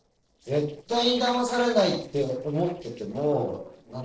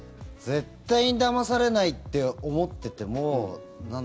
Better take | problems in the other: second | noise reduction (neural separator model SepFormer DNS4)

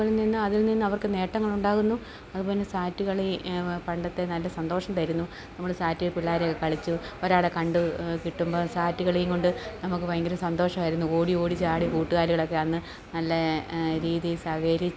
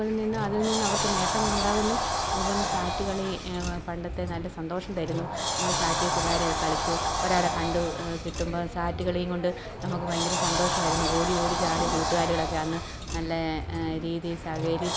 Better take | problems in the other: first | background sound (Sliding door); as loud as the speech

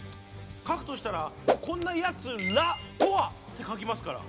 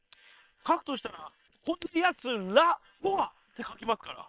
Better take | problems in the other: first | noise reduction (neural separator model SepFormer WHAM!)

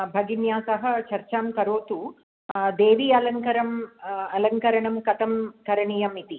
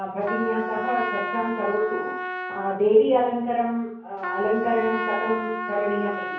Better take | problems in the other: first | background sound (Trumpet); 6 dB below the speech // room echo; dies away in 0.6 s

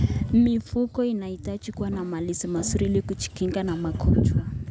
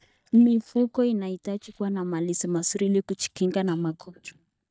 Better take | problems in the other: first | noise reduction (neural mask model DeepFilterNet 3)

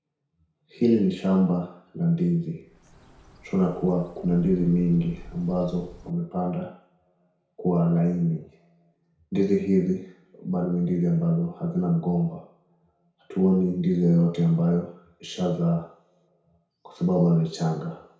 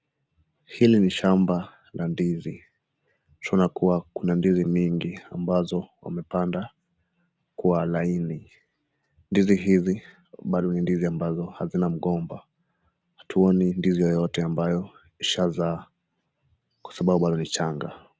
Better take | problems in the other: second | background sound (Bird); 19 dB below the speech // room echo; dies away in 0.6 s

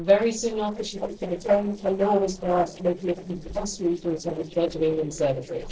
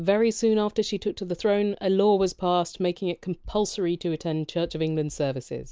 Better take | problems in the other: second | noise reduction (neural separator model SepFormer DNS4)

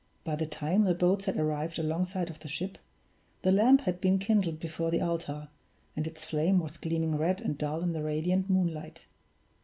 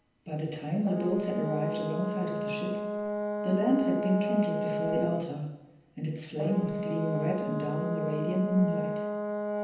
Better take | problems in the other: first | background sound (Brass instrument); 2 dB below the speech // room echo; dies away in 0.9 s

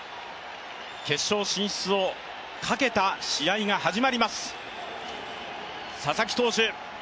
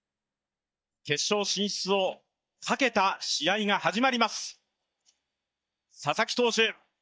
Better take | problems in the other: first | noise reduction (neural mask model DeepFilterNet 3)

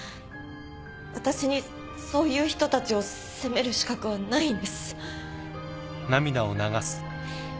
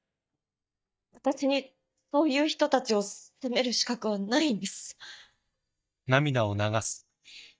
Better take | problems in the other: first | noise reduction (neural mask model DeepFilterNet 3)

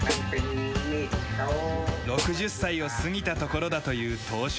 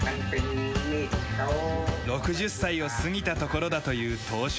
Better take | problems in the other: second | background sound (Snare drum); 9 dB below the speech

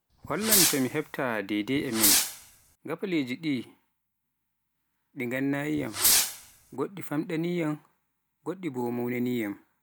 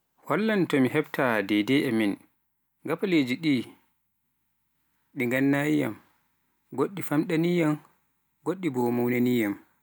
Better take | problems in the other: second | background sound (Fireworks); 4 dB above the speech

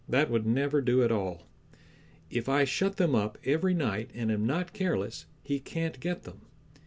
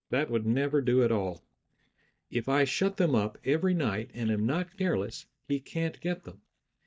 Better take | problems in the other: first | noise reduction (neural mask model DeepFilterNet 3)

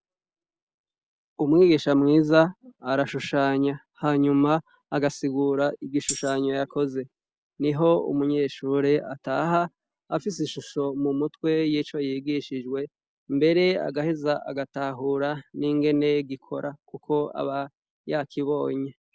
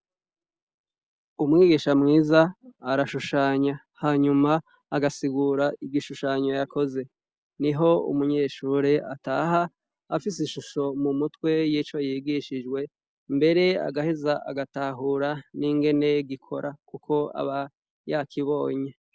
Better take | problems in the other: second | background sound (Tambourine); 12 dB below the speech

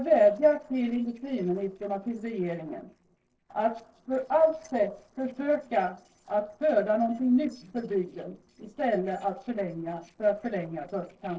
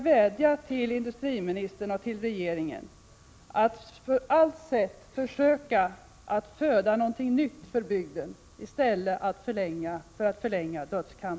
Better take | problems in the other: second | noise reduction (neural separator model SepFormer DNS4)

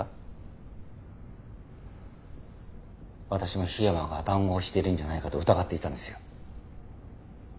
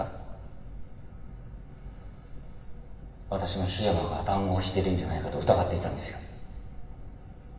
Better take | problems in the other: first | room echo; dies away in 1.4 s

